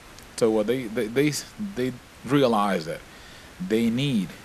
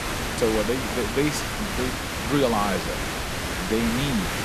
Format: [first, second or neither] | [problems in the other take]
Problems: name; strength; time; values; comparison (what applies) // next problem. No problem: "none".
first | hiss; loud; throughout; 2 dB below the speech; faint in the first